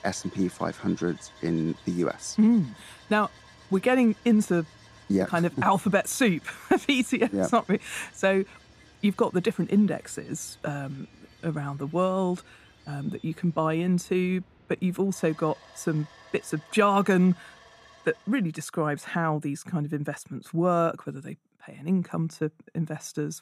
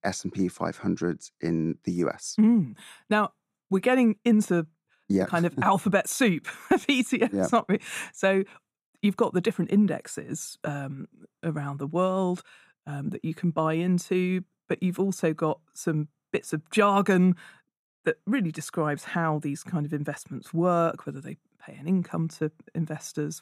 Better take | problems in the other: second | machinery noise; faint; until 18 s; 25 dB below the speech

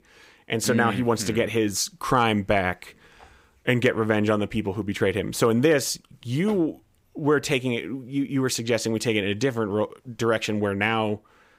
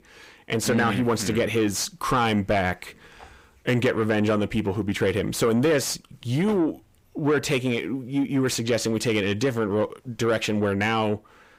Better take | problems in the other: first | distortion; slight; 10 dB below the speech

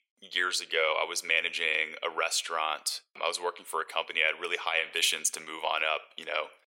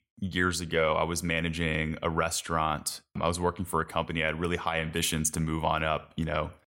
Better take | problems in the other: second | thin; very; fading below 450 Hz

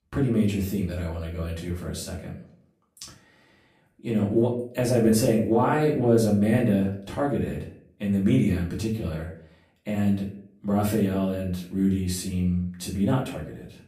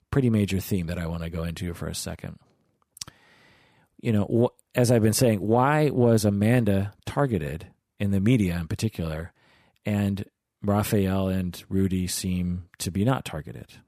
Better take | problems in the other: second | room echo; slight; dies away in 0.5 s // off-mic speech; far

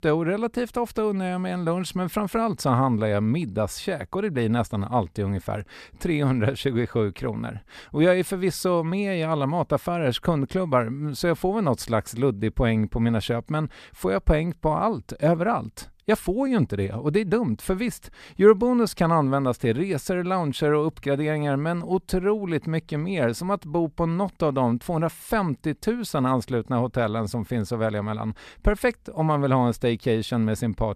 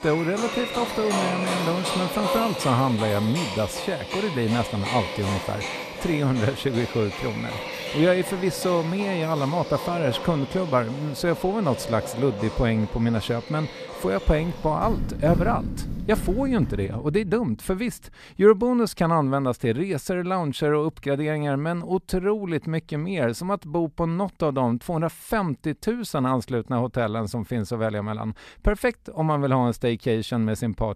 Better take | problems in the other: first | animal sounds; loud; until 17 s; 6 dB below the speech

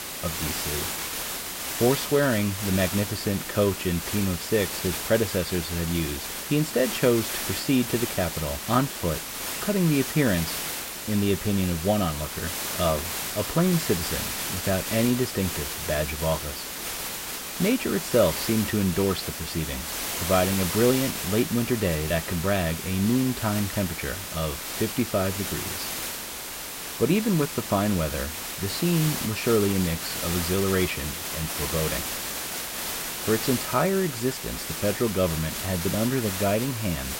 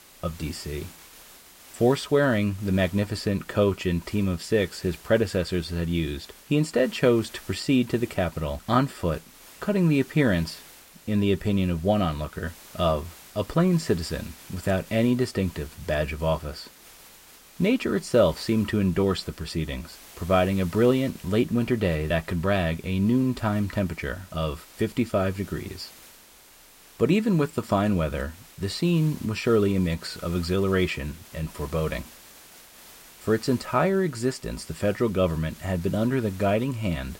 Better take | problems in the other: second | hiss; loud; throughout; 4 dB below the speech; faint in the second

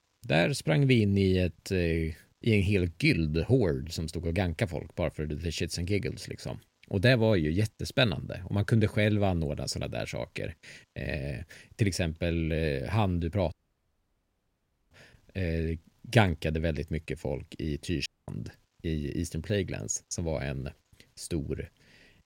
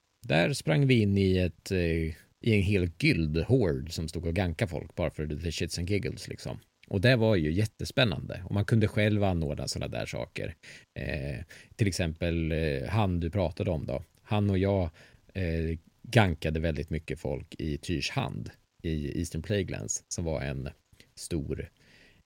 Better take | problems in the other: second | audio cutting out; at 14 s for 1.5 s and at 18 s

